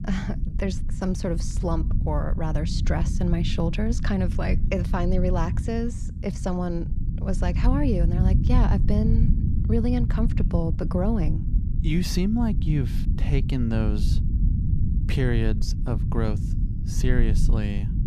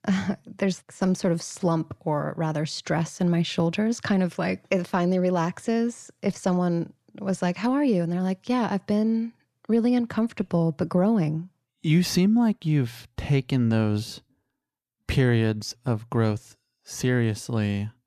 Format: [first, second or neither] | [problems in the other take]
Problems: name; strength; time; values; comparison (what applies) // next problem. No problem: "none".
second | low rumble; loud; throughout; 8 dB below the speech